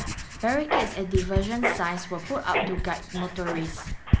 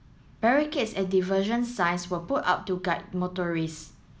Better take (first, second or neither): second